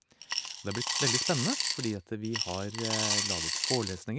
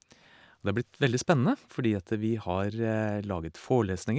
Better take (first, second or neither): second